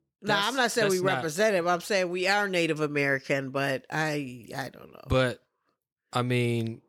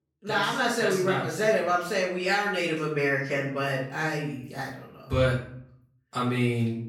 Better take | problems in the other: first | off-mic speech; far // room echo; noticeable; dies away in 0.5 s

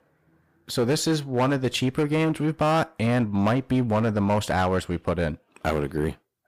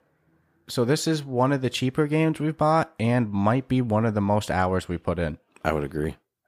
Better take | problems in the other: second | distortion; slight; 8% of the sound clipped

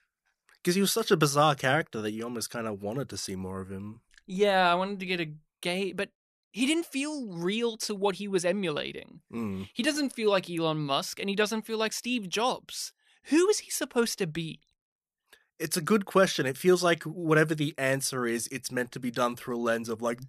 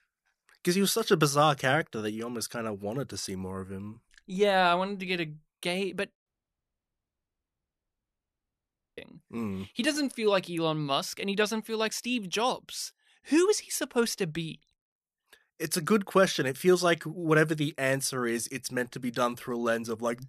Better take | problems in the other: first | audio cutting out; at 6.5 s for 2.5 s

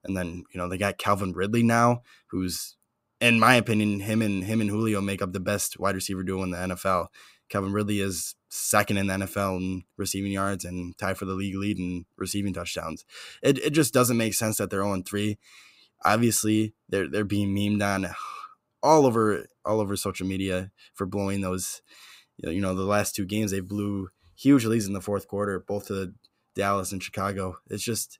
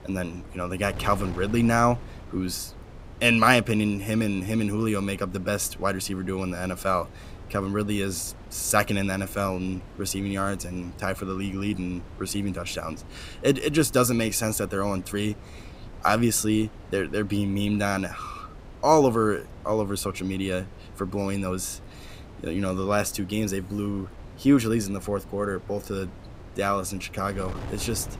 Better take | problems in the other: first | wind noise on the microphone; occasional gusts; 20 dB below the speech

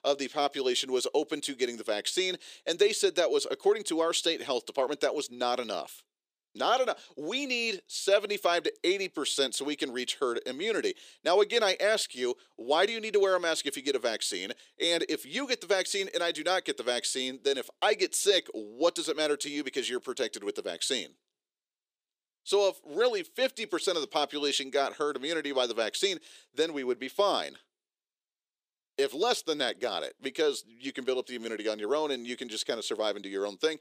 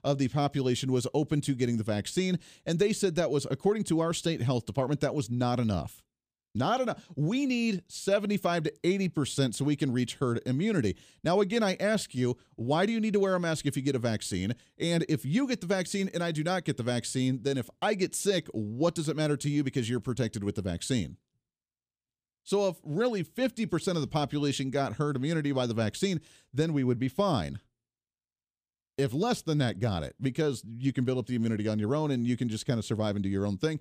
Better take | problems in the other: second | thin; very; fading below 400 Hz

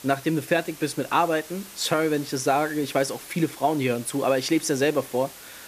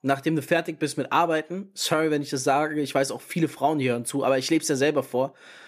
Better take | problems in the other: second | hiss; noticeable; throughout; 15 dB below the speech

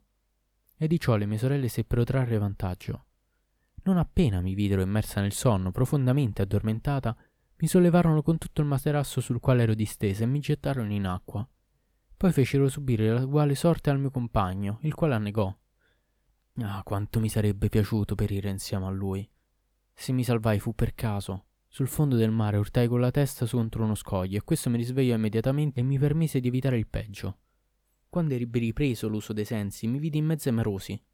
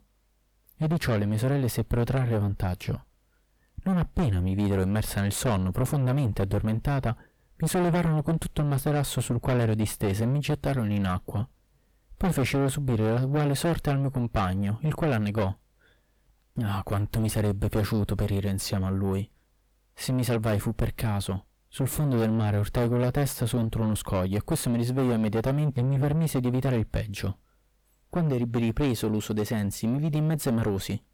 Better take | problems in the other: first | distortion; heavy; 5 dB below the speech

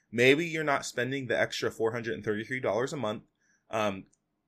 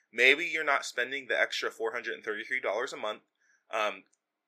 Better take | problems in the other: first | thin; somewhat; fading below 500 Hz

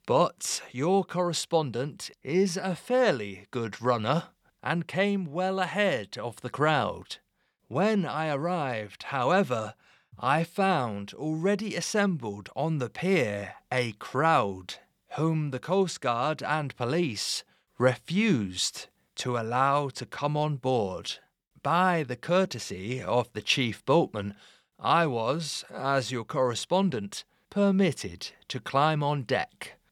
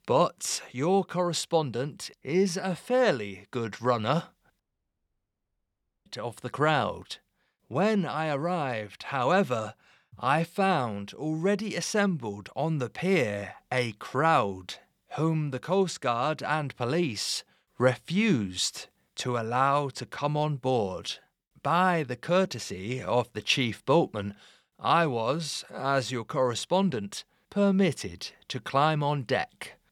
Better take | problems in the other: first | audio cutting out; at 4.5 s for 1.5 s

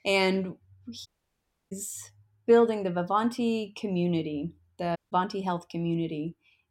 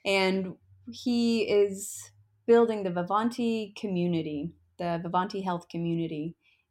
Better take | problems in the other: second | audio cutting out; at 1 s for 0.5 s and at 5 s

